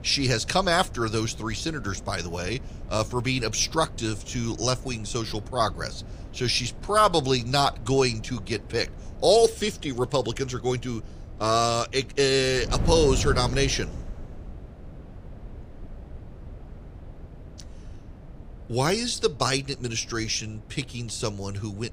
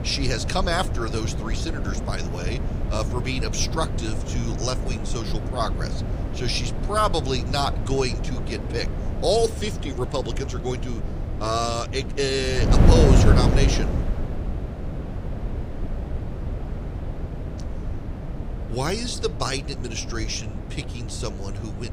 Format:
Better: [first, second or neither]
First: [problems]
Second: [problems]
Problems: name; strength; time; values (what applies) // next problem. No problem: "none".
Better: first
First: wind noise on the microphone; occasional gusts; 20 dB below the speech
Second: wind noise on the microphone; heavy; 8 dB below the speech